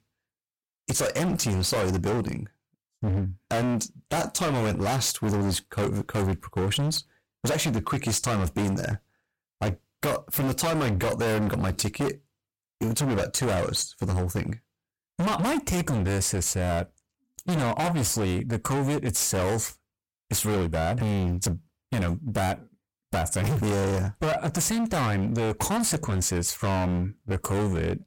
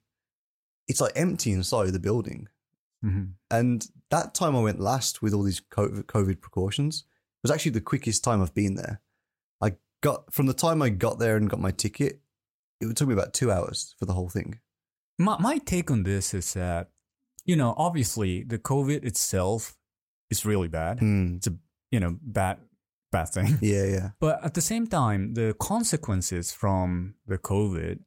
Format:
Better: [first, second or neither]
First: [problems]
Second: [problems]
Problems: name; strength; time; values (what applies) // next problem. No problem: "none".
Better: second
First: distortion; heavy; 30% of the sound clipped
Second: none